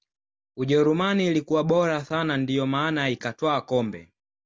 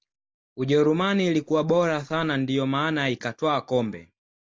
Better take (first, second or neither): first